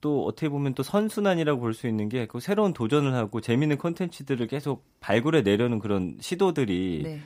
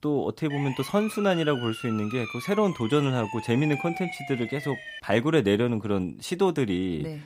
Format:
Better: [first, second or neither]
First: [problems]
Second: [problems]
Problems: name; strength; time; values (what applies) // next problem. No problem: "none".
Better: first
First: none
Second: siren; noticeable; until 5 s; peak 7 dB below the speech